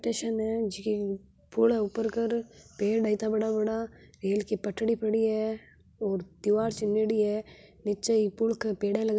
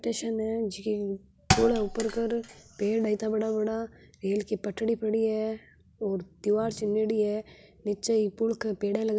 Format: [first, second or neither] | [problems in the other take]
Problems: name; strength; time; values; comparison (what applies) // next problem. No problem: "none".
first | background sound (Thump, thud); 6 dB below the speech